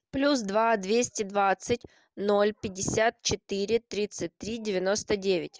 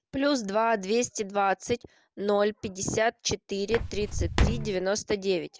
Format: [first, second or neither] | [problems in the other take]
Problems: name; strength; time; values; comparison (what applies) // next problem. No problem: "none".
first | background sound (Walk, footsteps); as loud as the speech